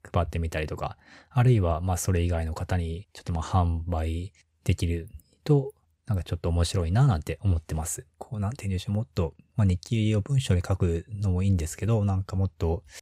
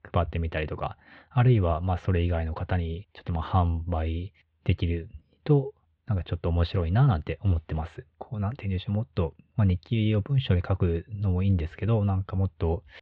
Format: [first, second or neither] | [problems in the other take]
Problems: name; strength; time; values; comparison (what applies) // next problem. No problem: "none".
first | muffled; very; fading above 3.5 kHz